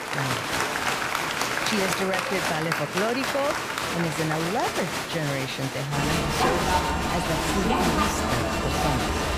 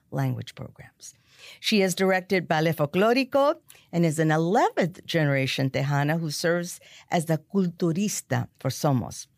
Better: second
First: crowd noise; very loud; throughout; 4 dB above the speech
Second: none

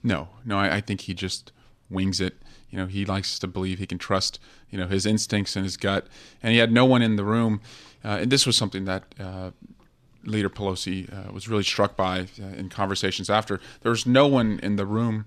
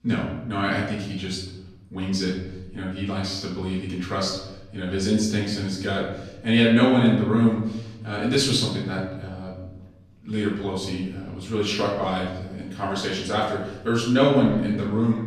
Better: first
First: none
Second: off-mic speech; far // room echo; noticeable; dies away in 1 s

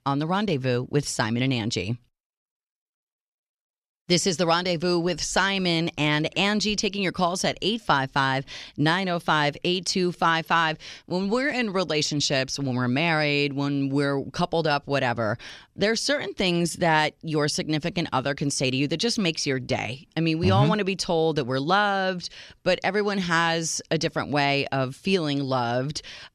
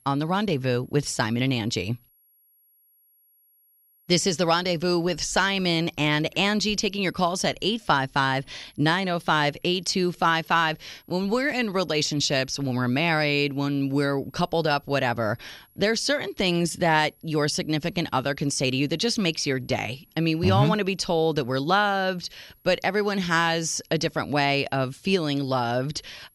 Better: first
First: none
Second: high-pitched whine; faint; throughout; 11.5 kHz, 35 dB below the speech

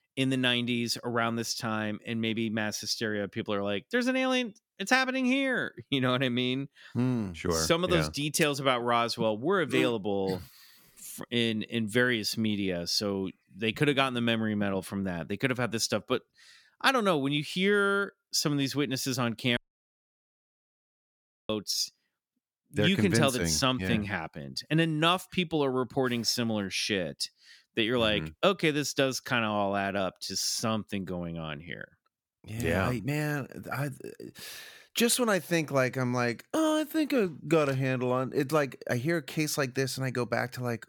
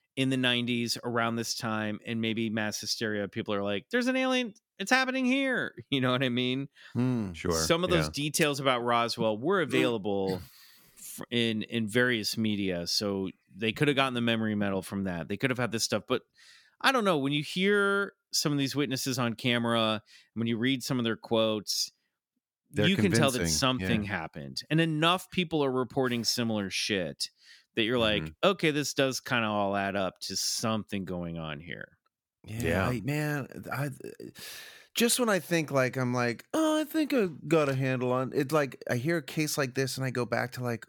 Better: second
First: audio cutting out; at 20 s for 2 s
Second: none

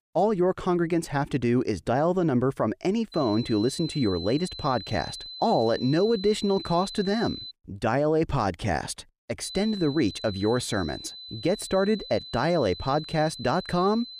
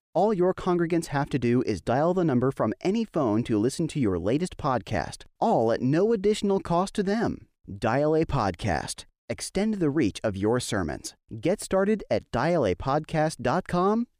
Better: second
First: high-pitched whine; noticeable; from 3 to 7.5 s and from 9.5 s on; 4 kHz, 10 dB below the speech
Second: none

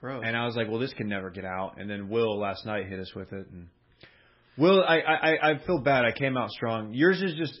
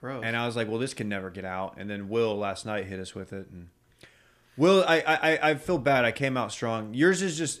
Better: second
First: garbled, watery; badly; nothing above 5.5 kHz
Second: none

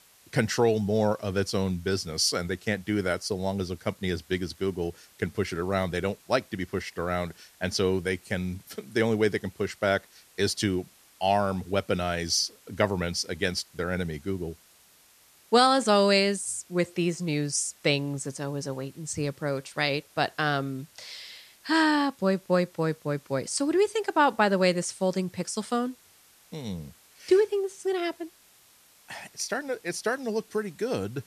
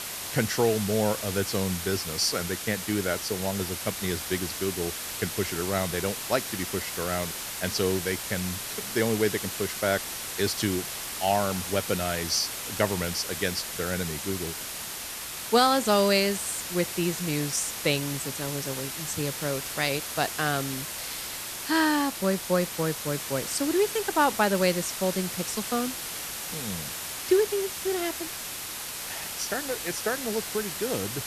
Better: first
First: hiss; faint; throughout; 30 dB below the speech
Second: hiss; loud; throughout; 4 dB below the speech

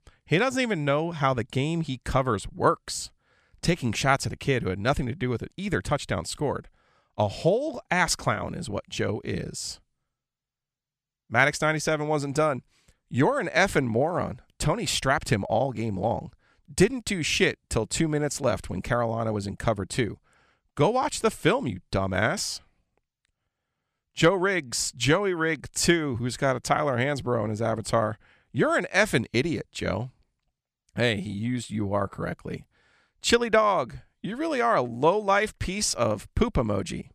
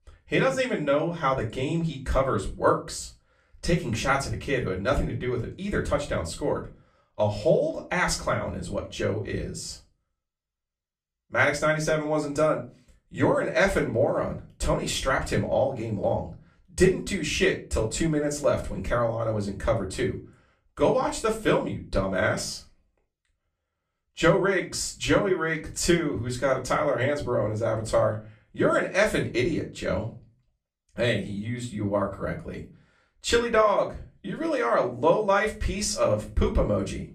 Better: first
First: none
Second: off-mic speech; far // room echo; very slight; dies away in 0.3 s

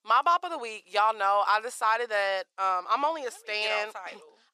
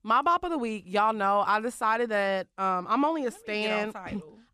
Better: second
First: thin; very; fading below 550 Hz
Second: none

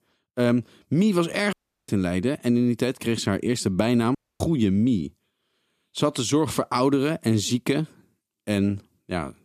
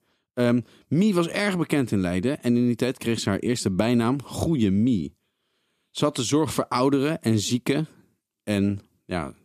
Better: second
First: audio cutting out; at 1.5 s and at 4 s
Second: none

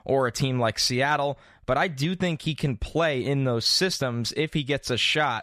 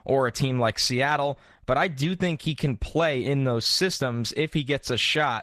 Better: first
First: none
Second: garbled, watery; slightly; nothing above 14.5 kHz

